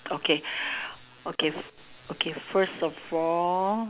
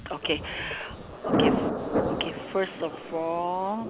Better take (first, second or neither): first